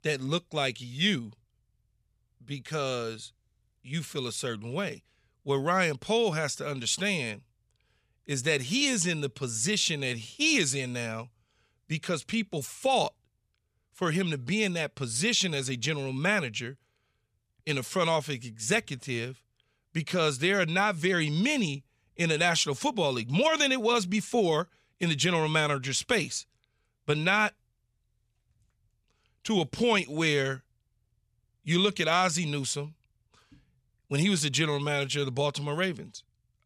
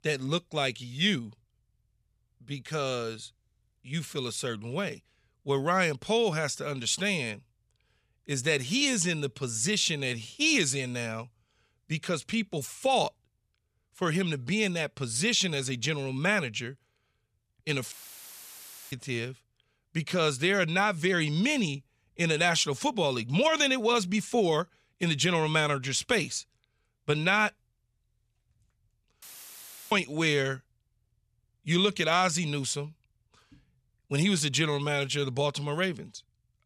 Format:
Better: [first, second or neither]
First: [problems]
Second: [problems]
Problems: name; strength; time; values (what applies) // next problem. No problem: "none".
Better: first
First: none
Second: audio cutting out; filled with static; at 18 s for 1 s and at 29 s for 0.5 s